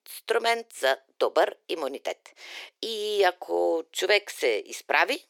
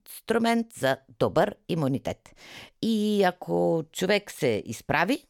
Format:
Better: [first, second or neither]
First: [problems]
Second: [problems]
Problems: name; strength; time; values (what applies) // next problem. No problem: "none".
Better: second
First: thin; very; fading below 350 Hz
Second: none